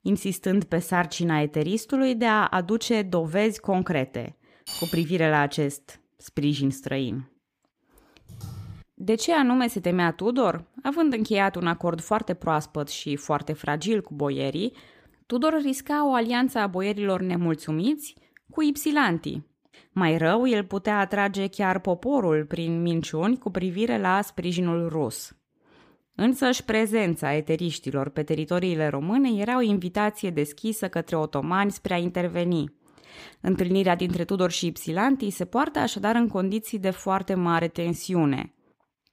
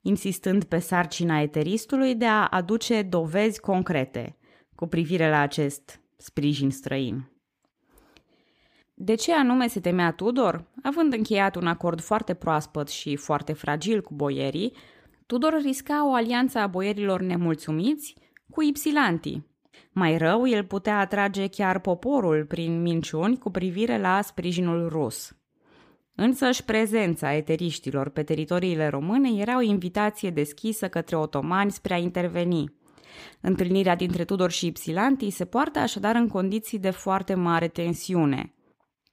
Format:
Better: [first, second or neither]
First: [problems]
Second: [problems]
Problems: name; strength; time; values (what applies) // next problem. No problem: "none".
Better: second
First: clattering dishes; noticeable; at 4.5 s; peak 7 dB below the speech // keyboard typing; faint; at 8.5 s; peak 15 dB below the speech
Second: none